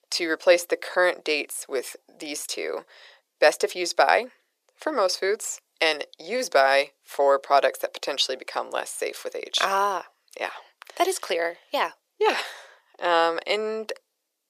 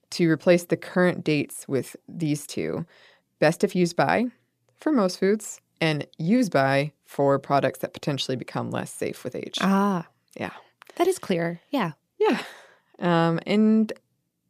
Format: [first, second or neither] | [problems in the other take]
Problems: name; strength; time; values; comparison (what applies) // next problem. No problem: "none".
second | thin; very; fading below 450 Hz